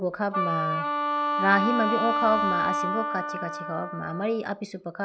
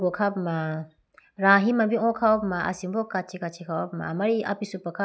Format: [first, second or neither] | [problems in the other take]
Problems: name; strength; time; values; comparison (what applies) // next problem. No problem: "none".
second | background sound (Wind instrument, woodwind instrument); as loud as the speech